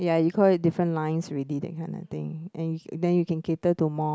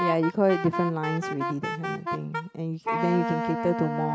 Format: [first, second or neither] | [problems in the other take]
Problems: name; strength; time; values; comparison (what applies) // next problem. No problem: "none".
first | background sound (Wind instrument, woodwind instrument); 3 dB below the speech